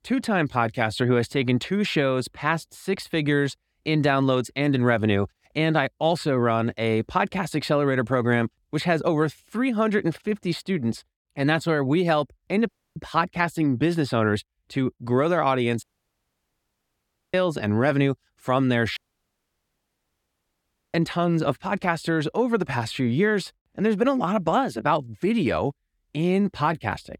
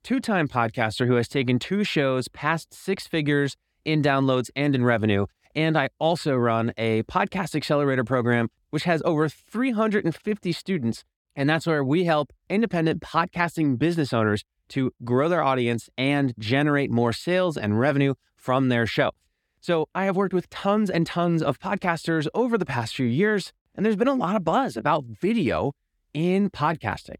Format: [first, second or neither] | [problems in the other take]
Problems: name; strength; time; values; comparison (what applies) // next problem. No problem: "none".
second | audio cutting out; at 13 s, at 16 s for 1.5 s and at 19 s for 2 s